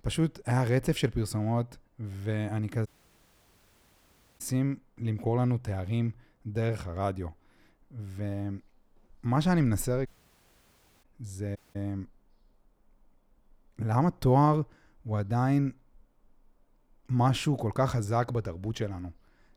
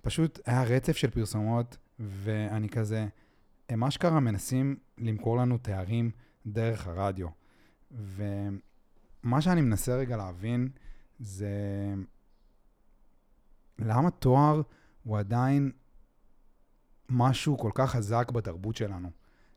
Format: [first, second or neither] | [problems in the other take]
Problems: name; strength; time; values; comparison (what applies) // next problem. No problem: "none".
second | audio cutting out; at 3 s for 1.5 s, at 10 s for 1 s and at 12 s